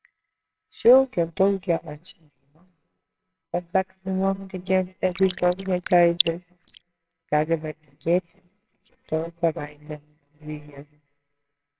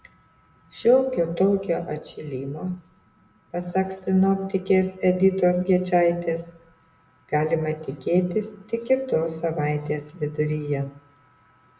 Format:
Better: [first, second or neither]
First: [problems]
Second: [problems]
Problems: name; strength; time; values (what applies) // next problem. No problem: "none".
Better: second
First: noise reduction (neural separator model SepFormer WHAMR!)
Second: none